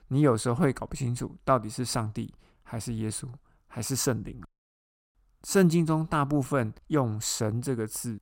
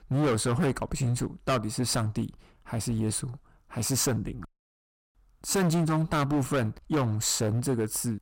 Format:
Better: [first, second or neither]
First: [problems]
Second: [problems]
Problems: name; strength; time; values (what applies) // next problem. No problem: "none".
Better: first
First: none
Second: distortion; heavy; 12% of the sound clipped